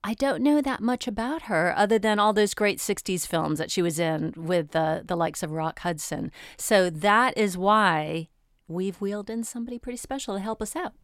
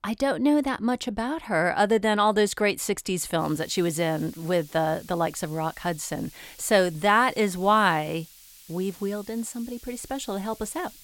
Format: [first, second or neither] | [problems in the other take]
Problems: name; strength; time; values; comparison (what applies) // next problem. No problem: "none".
first | hiss; faint; from 3.5 s on; 20 dB below the speech